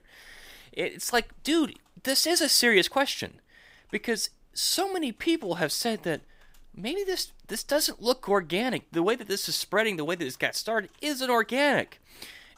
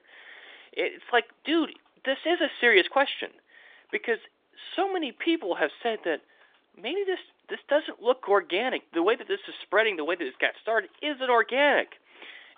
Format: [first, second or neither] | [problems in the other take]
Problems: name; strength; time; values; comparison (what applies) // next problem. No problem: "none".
first | phone-call audio